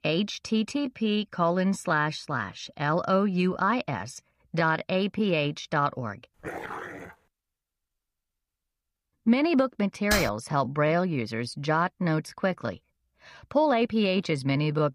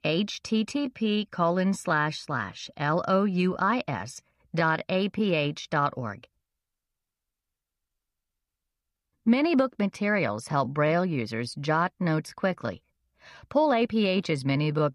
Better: second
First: dog barking; noticeable; at 6.5 s; peak 10 dB below the speech // keyboard typing; noticeable; at 10 s; peak 2 dB below the speech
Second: none

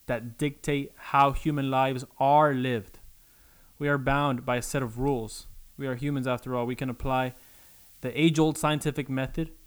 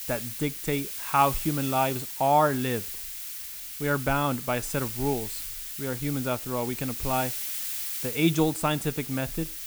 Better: first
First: hiss; faint; throughout; 30 dB below the speech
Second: hiss; loud; throughout; 5 dB below the speech

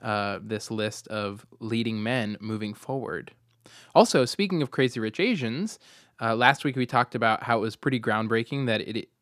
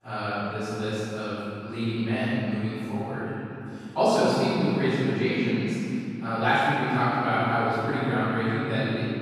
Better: first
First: none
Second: off-mic speech; far // room echo; strong; dies away in 3 s

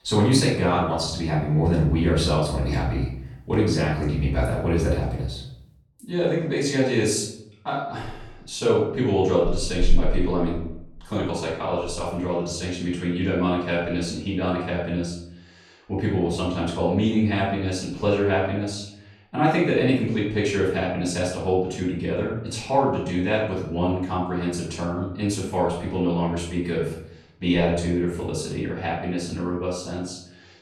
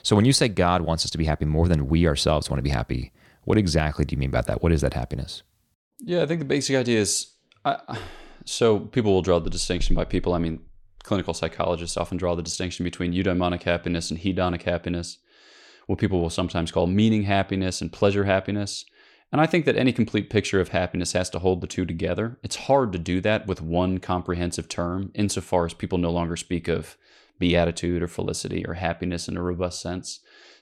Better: second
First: off-mic speech; far // room echo; noticeable; dies away in 0.6 s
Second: none

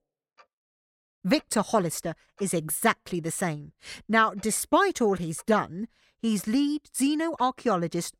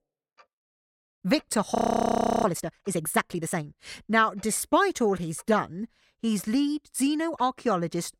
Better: first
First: none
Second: audio freezing; at 2 s for 0.5 s

